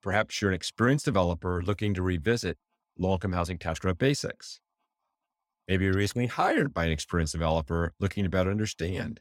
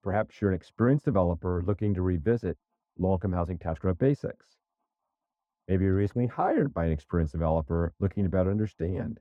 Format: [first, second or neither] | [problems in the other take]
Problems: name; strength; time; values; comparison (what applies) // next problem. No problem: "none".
first | muffled; very; fading above 2 kHz